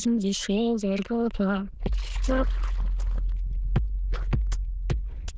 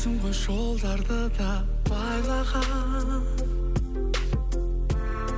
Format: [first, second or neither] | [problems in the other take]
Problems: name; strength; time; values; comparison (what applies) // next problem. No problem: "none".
second | noise reduction (neural diffusion model UNIVERSE++)